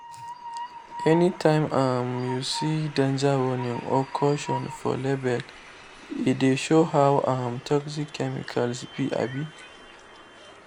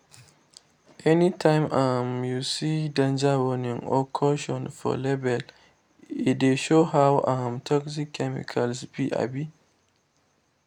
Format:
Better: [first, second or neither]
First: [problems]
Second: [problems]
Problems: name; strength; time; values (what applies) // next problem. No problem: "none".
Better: second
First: background sound (Train); 15 dB below the speech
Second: none